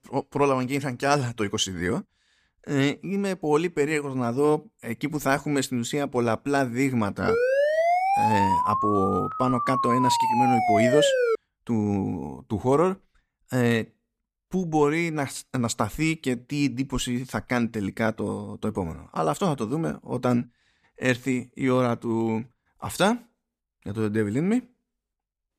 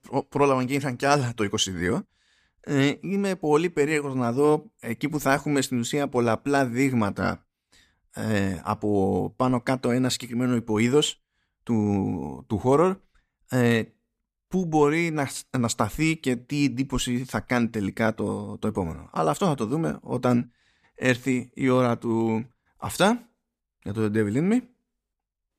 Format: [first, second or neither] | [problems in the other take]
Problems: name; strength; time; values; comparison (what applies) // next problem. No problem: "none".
second | siren; loud; from 7.5 to 11 s; peak 4 dB above the speech